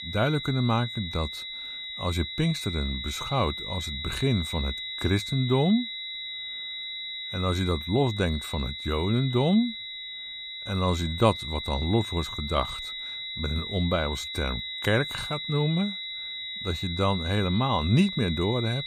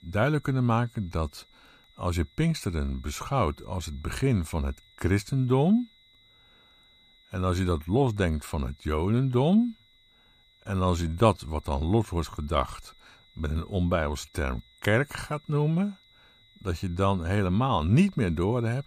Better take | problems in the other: second | high-pitched whine; loud; throughout; 4 kHz, 6 dB below the speech; faint in the second

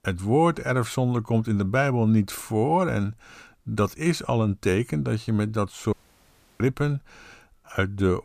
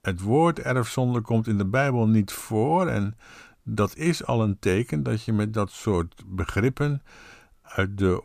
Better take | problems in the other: second | audio cutting out; at 6 s for 0.5 s

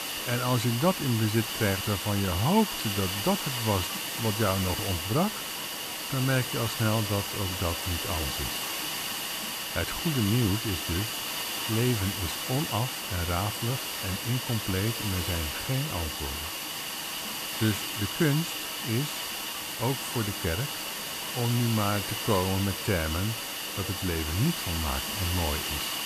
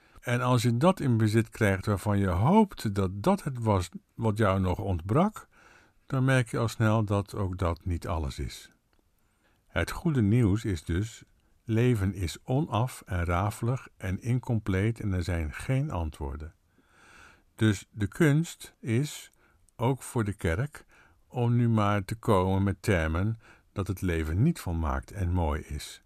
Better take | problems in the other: second | hiss; loud; throughout; 1 dB below the speech

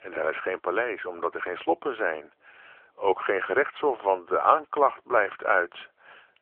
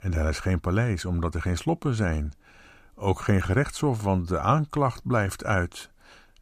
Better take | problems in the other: second | phone-call audio

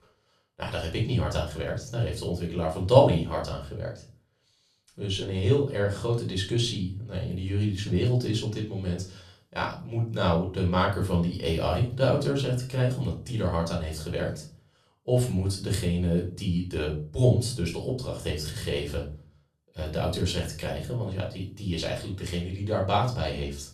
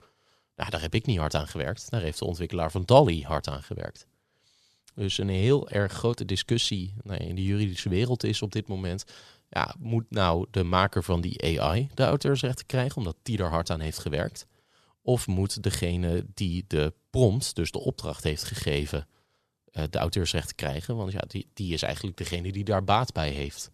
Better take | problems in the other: second | room echo; slight; dies away in 0.3 s // off-mic speech; far

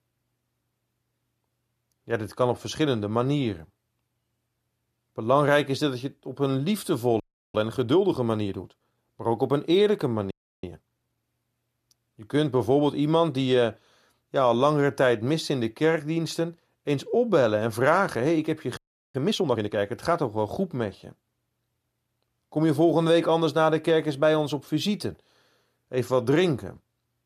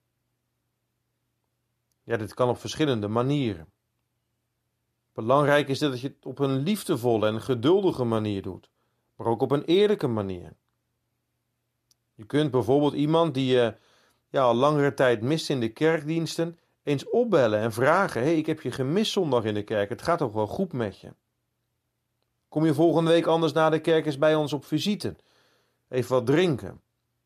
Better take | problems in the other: second | audio freezing; at 7 s, at 10 s and at 19 s

